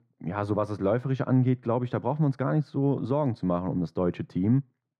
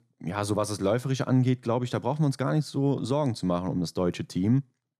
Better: second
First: muffled; very; fading above 4 kHz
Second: none

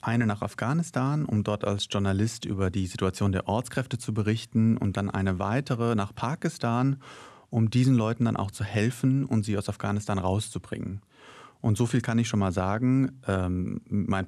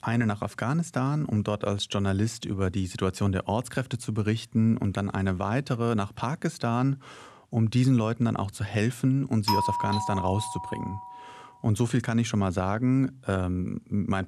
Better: first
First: none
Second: doorbell; loud; from 9.5 to 11 s; peak 1 dB above the speech

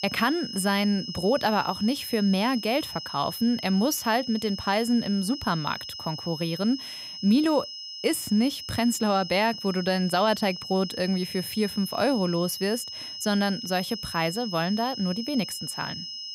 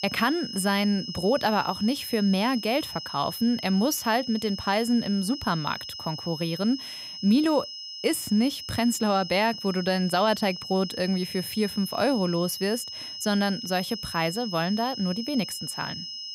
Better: neither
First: high-pitched whine; loud; throughout; 5 kHz, 9 dB below the speech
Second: high-pitched whine; loud; throughout; 5 kHz, 9 dB below the speech

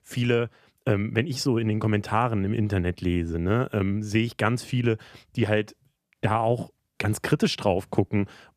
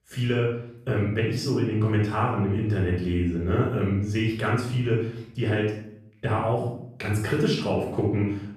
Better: first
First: none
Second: off-mic speech; far // room echo; noticeable; dies away in 0.6 s

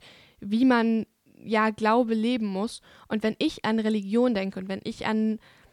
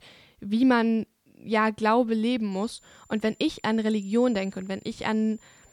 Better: first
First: none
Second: high-pitched whine; faint; from 2.5 s on; 7 kHz, 30 dB below the speech

